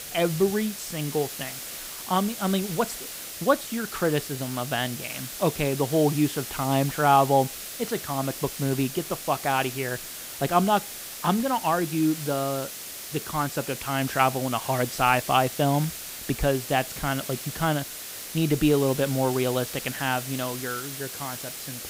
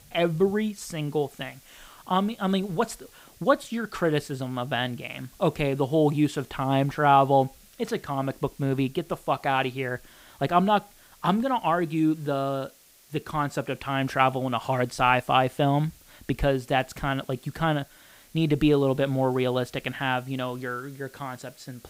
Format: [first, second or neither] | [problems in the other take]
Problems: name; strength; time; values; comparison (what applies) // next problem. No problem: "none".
second | hiss; loud; throughout; 8 dB below the speech; faint in the second